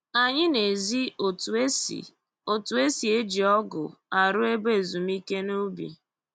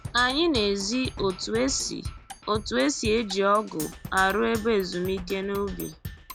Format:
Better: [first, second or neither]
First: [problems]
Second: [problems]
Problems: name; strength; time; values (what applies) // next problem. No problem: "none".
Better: first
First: none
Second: background sound (Percussion); 13 dB below the speech